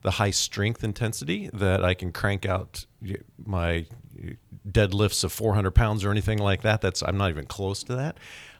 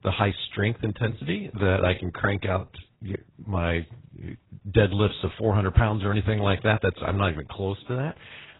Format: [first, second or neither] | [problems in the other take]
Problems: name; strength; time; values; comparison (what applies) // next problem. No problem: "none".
first | garbled, watery; badly; nothing above 4 kHz